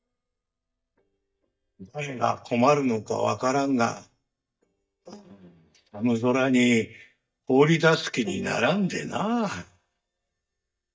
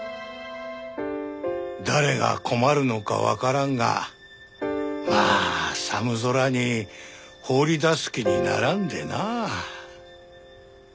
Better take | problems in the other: second | noise reduction (neural mask model DeepFilterNet 3)

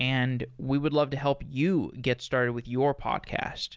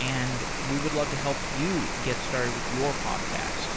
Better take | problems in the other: first | background sound (Rain); 1 dB above the speech

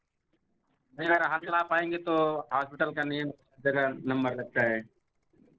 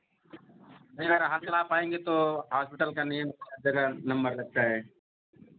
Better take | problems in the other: second | noise reduction (neural separator model SepFormer DNS4)

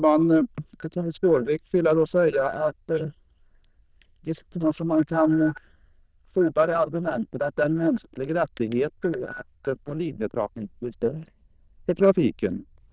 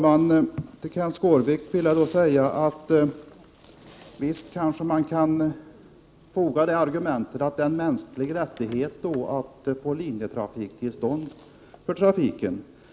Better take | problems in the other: second | noise reduction (neural diffusion model UNIVERSE++)

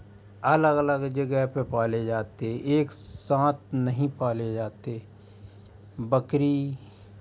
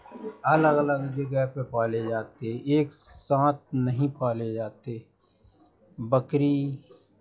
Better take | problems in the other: first | noise reduction (classical method log-MMSE)

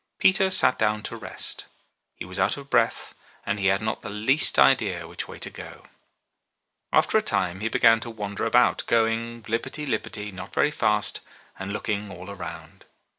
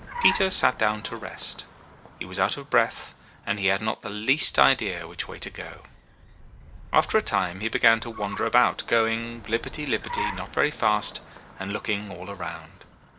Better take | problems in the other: first | background sound (Car); 13 dB below the speech

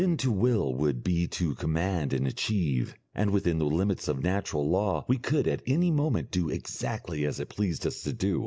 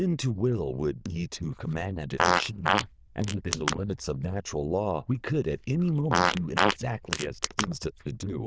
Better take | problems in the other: first | noise reduction (neural diffusion model UNIVERSE++)

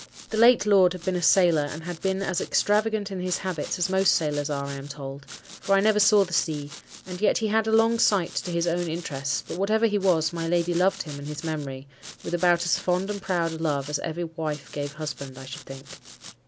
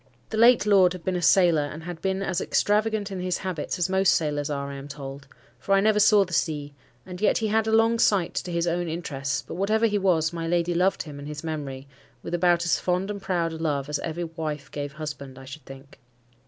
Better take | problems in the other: second | background sound (Domestic sounds, home sounds); 18 dB below the speech

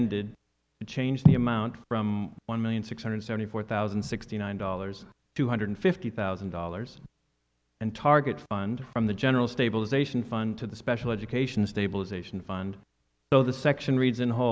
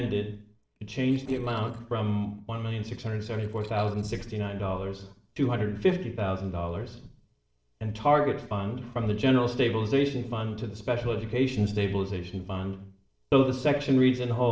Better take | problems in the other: first | noise reduction (neural separator model SepFormer DNS4)

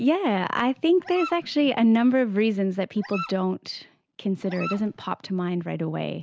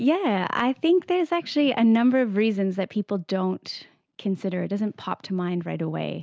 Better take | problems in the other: second | background sound (Dog); 15 dB below the speech

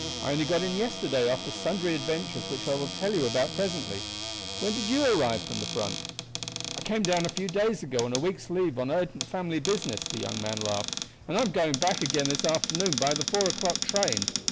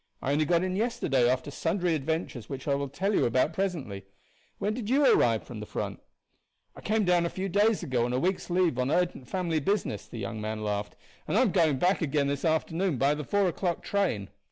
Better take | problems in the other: second | background sound (Cupboard open or close); 5 dB below the speech

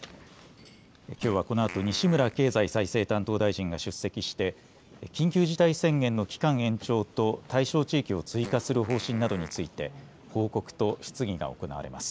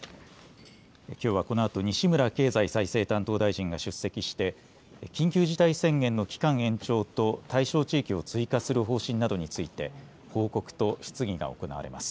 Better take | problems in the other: second | background sound (Fart); 17 dB below the speech

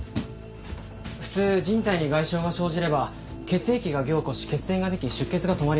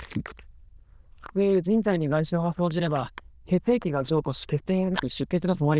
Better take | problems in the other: first | noise reduction (neural diffusion model UNIVERSE++)

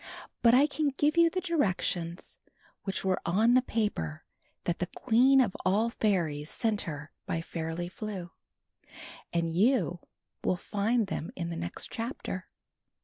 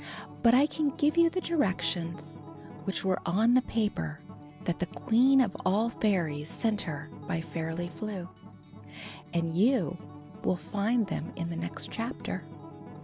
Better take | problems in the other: first | background sound (Acoustic guitar); 15 dB below the speech

